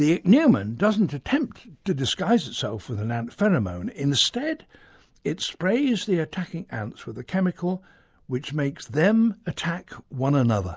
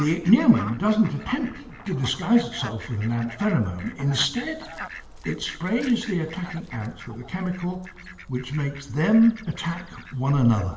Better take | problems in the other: first | background sound (Fowl); 16 dB below the speech // room echo; dies away in 1.5 s

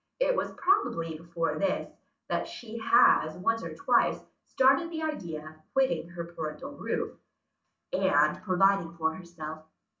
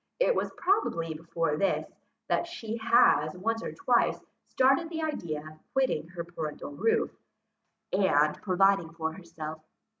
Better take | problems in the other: second | room echo; dies away in 0.2 s

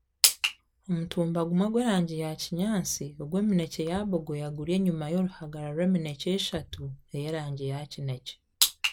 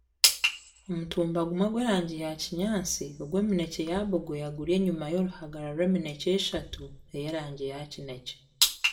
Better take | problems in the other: first | room echo; dies away in 0.4 s

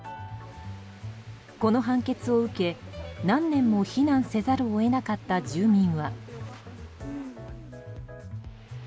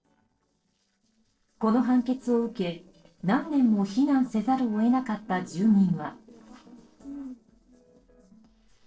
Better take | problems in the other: first | noise reduction (neural separator model SepFormer DNS4)

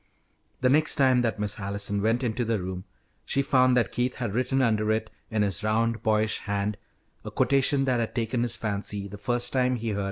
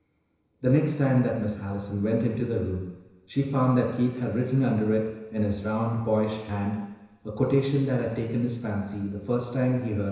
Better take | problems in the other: first | room echo; dies away in 1 s

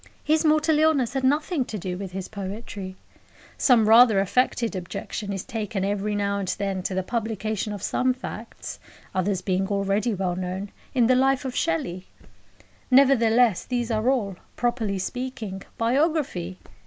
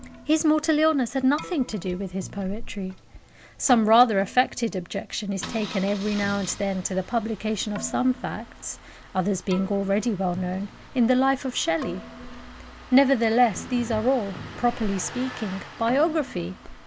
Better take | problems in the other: first | background sound (Engine starting + Keyboard (musical)); 16 dB below the speech

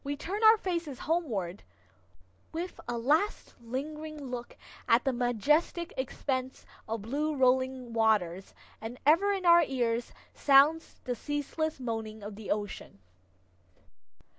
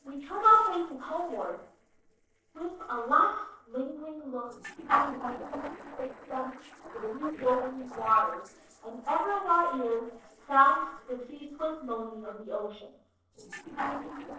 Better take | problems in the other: first | noise reduction (neural separator model SepFormer DNS4)

